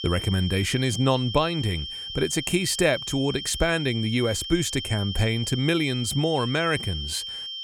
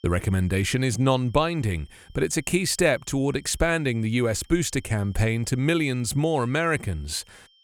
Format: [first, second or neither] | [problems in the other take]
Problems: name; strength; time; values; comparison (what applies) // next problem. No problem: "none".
second | high-pitched whine; loud; throughout; 3 kHz, 7 dB below the speech; faint in the second